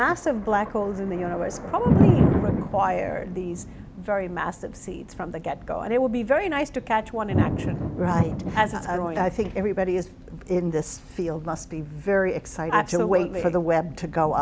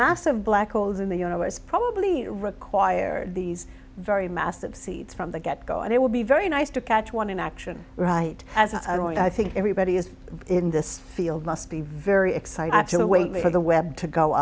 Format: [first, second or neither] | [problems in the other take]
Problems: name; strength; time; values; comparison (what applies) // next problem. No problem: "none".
second | background sound (Thunder); 3 dB below the speech